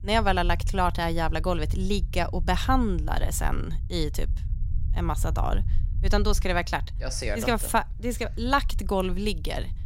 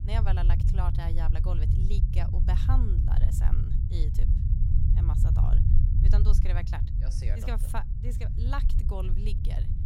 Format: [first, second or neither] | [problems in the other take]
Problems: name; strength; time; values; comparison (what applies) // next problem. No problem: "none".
first | low rumble; loud; throughout; 2 dB below the speech; faint in the first